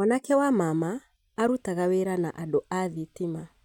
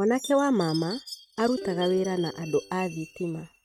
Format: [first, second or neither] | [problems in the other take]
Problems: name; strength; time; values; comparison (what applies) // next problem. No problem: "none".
first | noise reduction (neural mask model RNNoise)